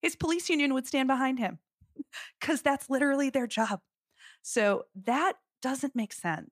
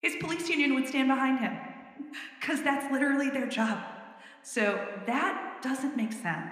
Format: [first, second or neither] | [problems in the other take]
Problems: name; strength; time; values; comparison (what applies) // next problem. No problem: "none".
first | room echo; slight; dies away in 1.5 s